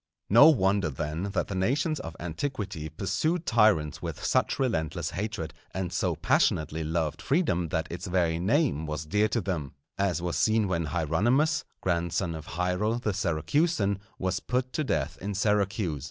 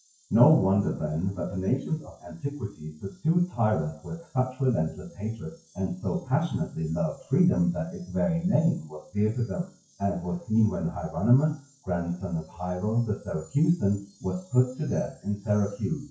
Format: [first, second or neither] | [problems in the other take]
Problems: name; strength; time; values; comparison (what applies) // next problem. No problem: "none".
first | noise reduction (classical method WPE with log-MMSE)